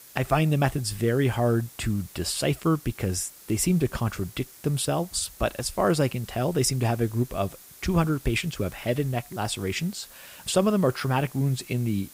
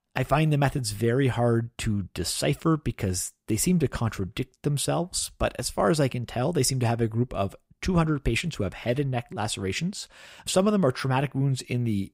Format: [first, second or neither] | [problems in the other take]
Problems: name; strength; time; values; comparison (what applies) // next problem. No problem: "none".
second | hiss; noticeable; throughout; 20 dB below the speech